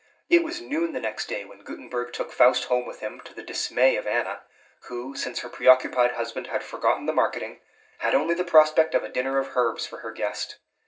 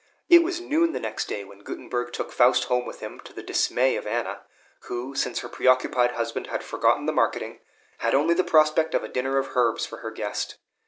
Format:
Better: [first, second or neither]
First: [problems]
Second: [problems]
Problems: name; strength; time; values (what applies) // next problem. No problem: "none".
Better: second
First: room echo; dies away in 0.4 s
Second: none